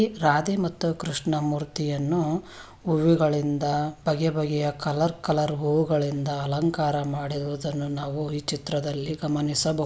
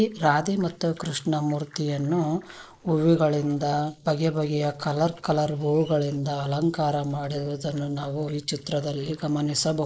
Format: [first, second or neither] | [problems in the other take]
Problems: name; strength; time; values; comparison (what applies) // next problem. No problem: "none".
first | noise reduction (neural mask model Resemble Enhance denoiser)